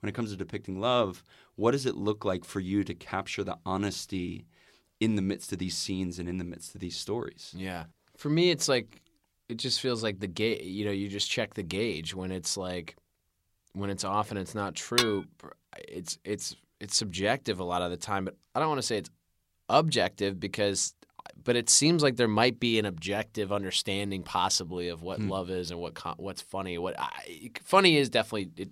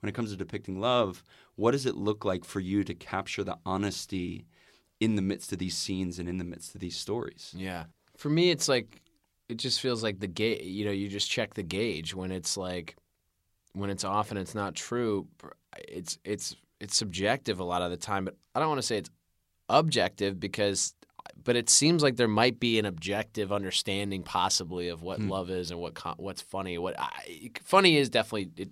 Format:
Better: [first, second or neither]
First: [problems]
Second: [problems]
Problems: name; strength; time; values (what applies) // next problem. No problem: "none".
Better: second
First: clattering dishes; loud; at 15 s; peak 2 dB above the speech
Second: none